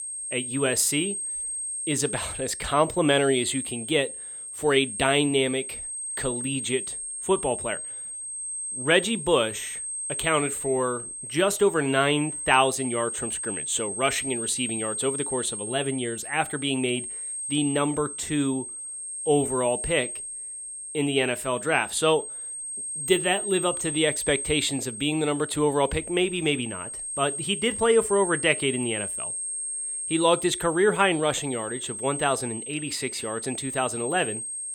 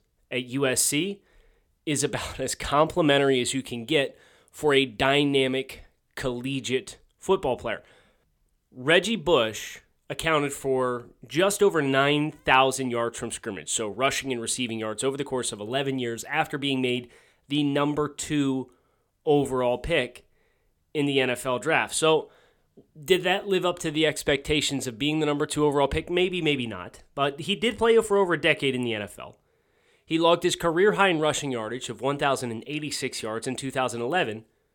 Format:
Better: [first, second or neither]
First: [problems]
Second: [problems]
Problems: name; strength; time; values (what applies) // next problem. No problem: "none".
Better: second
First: high-pitched whine; loud; throughout; 8.5 kHz, 5 dB below the speech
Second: none